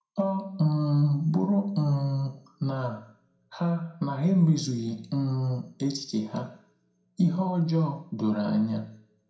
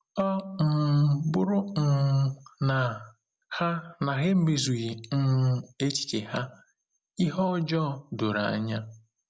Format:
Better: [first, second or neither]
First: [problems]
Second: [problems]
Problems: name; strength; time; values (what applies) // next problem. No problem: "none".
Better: second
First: room echo; dies away in 0.4 s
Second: none